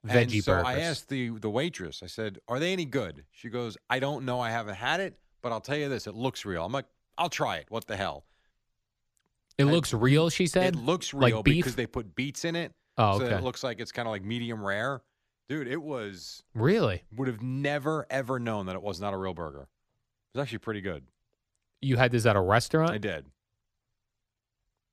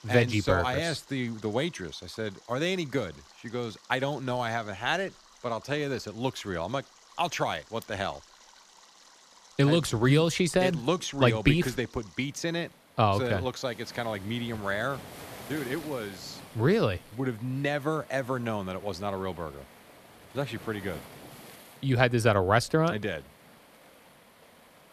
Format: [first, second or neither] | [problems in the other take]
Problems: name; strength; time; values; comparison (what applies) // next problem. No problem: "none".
first | rain or running water; faint; throughout; 20 dB below the speech